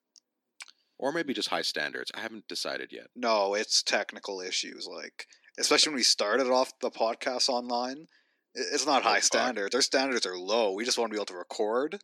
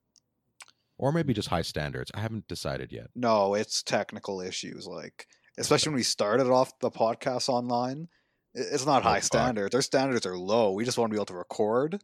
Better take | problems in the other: second | thin; very slightly; fading below 300 Hz

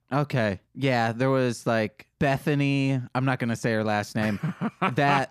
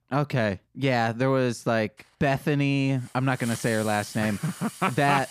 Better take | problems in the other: first | hiss; noticeable; from 2 s on; 15 dB below the speech

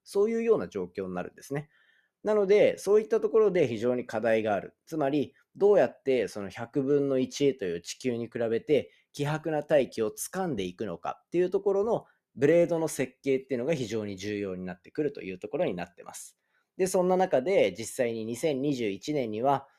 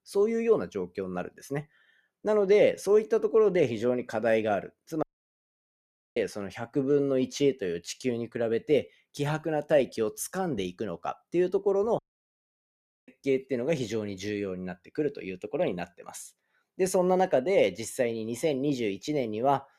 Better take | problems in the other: first | audio cutting out; at 5 s for 1 s and at 12 s for 1 s

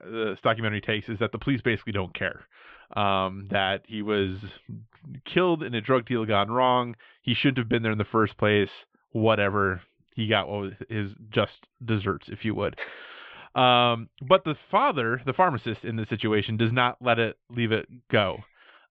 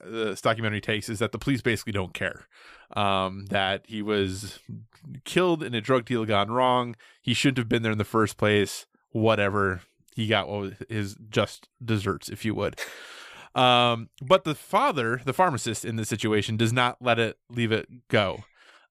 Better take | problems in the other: second | muffled; very slightly; fading above 3 kHz

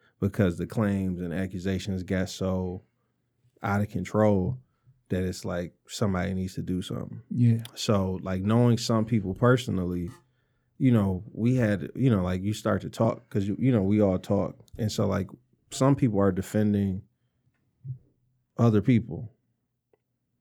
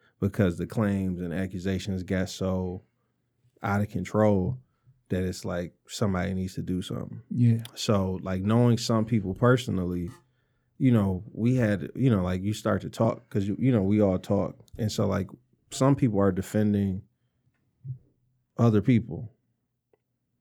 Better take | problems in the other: neither | none

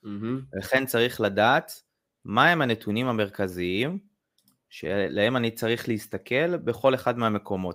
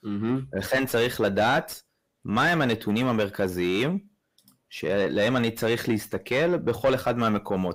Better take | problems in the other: first | distortion; heavy; 7 dB below the speech

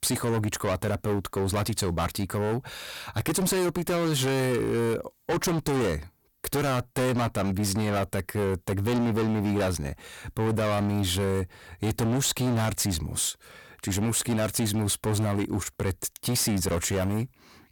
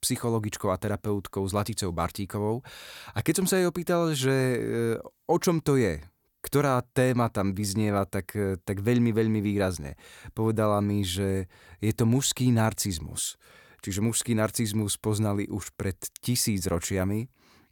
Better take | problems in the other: second | distortion; heavy; 25% of the sound clipped

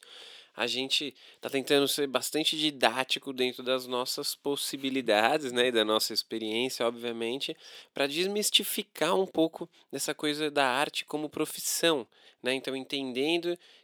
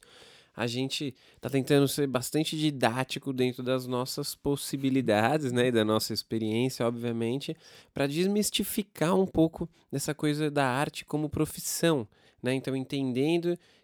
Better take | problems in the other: second | thin; somewhat; fading below 350 Hz

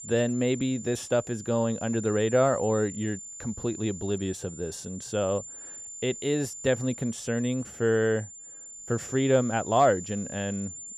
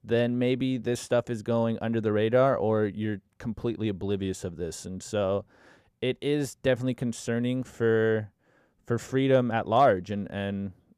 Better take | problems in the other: second | high-pitched whine; noticeable; throughout; 7 kHz, 10 dB below the speech

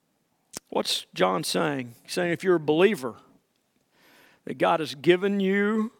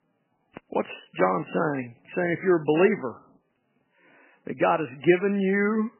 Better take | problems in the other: first | garbled, watery; badly; nothing above 2.5 kHz

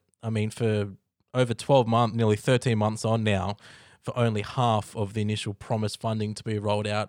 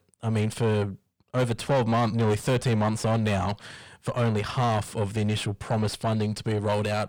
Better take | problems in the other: first | distortion; heavy; 6 dB below the speech

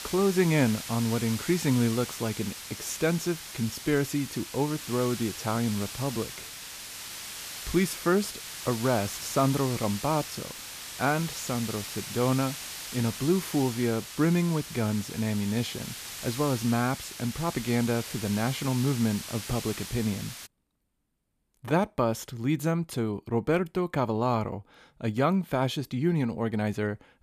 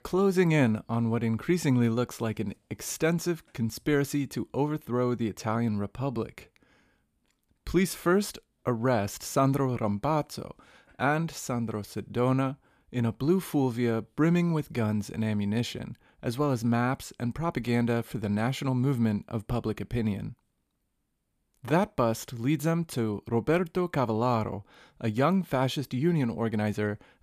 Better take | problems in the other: second | hiss; loud; until 20 s; 9 dB below the speech

